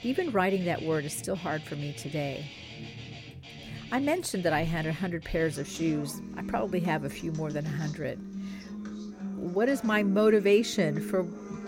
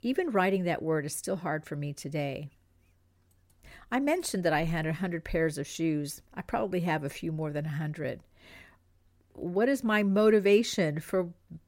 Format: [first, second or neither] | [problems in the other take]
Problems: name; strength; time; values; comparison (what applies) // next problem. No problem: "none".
second | background music; noticeable; throughout; 10 dB below the speech